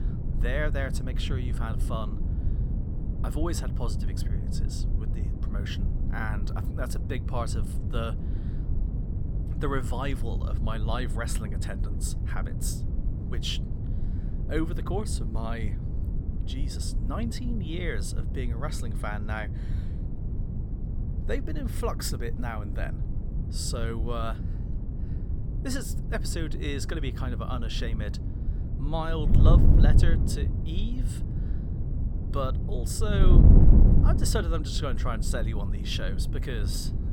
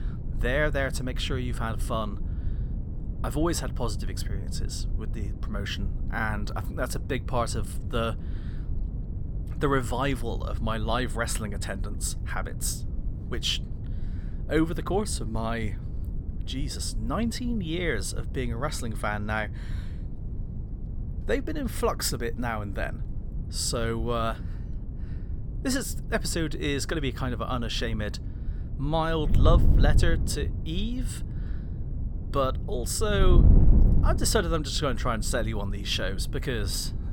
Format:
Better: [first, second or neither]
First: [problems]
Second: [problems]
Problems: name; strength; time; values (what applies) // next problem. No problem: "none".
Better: second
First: wind noise on the microphone; heavy; 6 dB below the speech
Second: wind noise on the microphone; occasional gusts; 15 dB below the speech